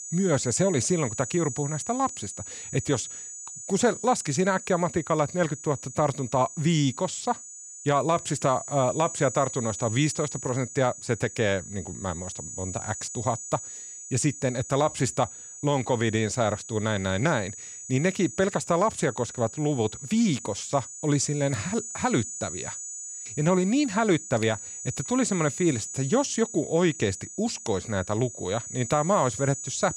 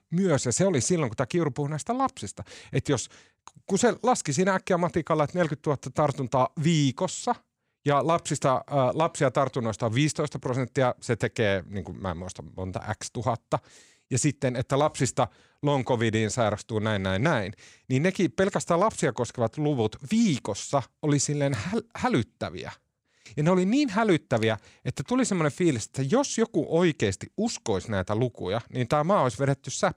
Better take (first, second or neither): second